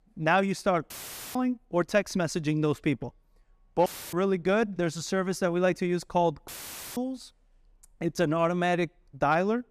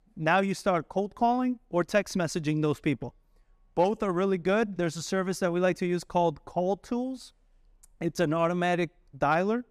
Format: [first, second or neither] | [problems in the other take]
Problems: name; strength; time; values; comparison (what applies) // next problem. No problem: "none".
second | audio cutting out; filled with static; at 1 s, at 4 s and at 6.5 s